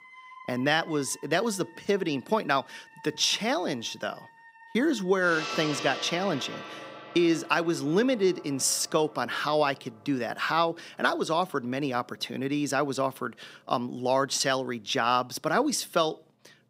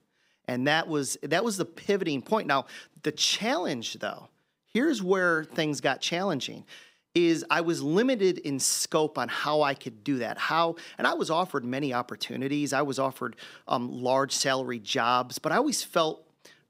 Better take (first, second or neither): second